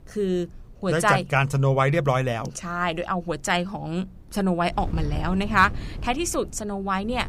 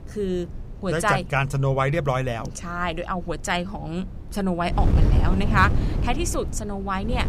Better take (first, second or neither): first